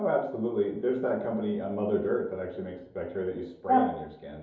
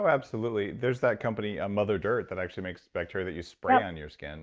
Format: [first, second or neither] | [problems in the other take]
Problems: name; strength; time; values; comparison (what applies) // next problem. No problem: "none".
second | room echo; dies away in 2.8 s